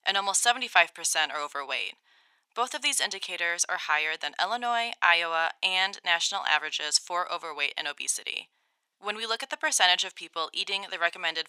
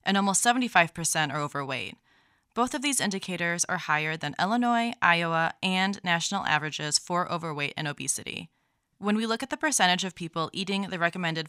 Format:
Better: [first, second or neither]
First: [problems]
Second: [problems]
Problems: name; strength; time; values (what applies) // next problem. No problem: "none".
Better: second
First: thin; very; fading below 500 Hz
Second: none